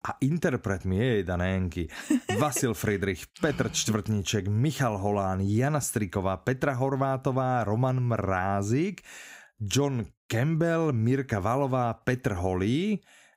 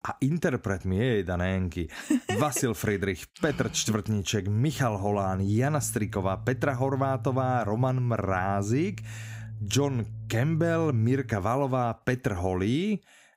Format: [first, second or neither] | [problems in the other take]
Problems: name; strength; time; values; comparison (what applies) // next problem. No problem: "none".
first | low rumble; faint; from 4.5 to 11 s; 25 dB below the speech